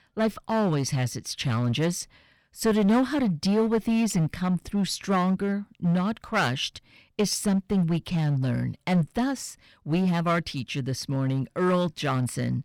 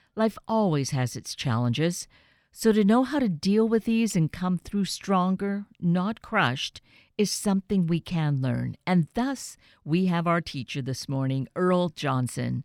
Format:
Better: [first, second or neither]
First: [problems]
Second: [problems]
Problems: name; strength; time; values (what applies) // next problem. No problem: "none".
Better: second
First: distortion; slight; 8% of the sound clipped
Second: none